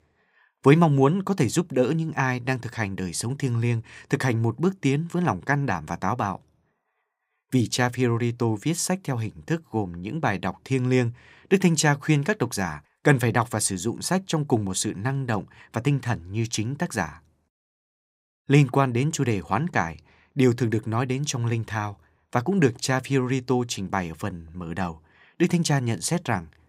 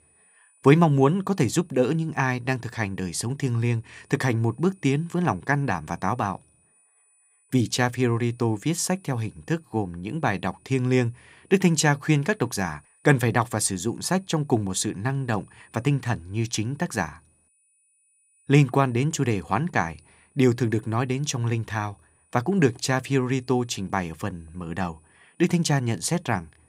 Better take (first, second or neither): first